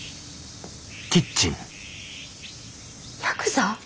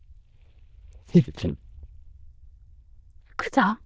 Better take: first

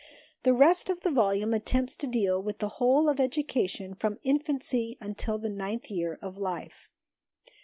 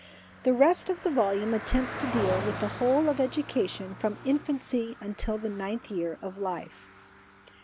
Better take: first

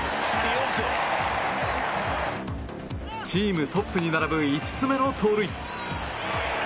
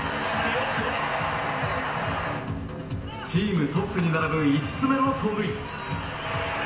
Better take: first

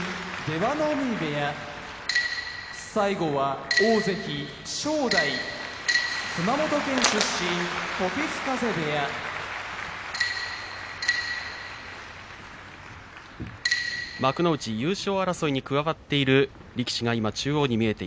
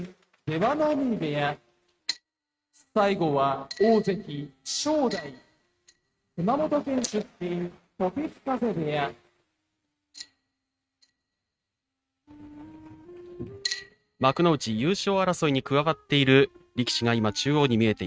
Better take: first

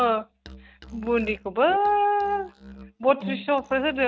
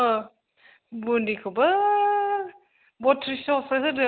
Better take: second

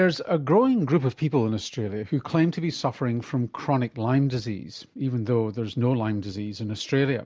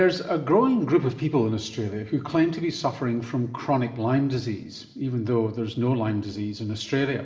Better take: first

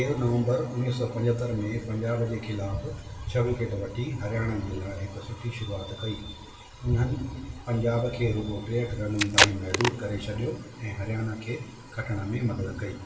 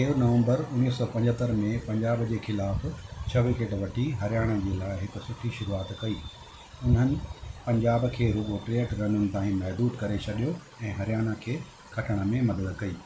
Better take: second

